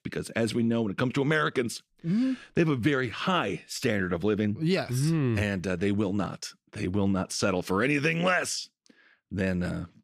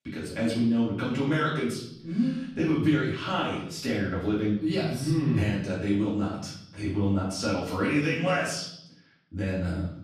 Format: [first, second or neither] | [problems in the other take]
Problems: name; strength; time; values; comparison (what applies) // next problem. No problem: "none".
first | off-mic speech; far // room echo; noticeable; dies away in 0.7 s